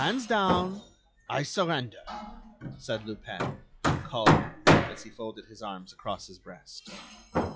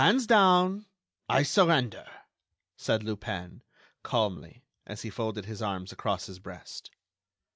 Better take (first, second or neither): second